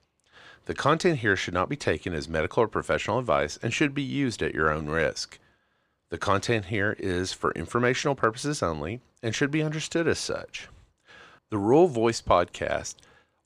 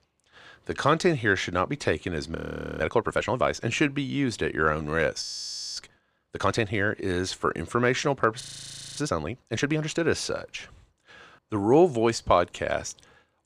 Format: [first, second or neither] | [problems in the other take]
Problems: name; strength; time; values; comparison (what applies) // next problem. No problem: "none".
first | audio freezing; at 2.5 s, at 5 s for 0.5 s and at 8.5 s for 0.5 s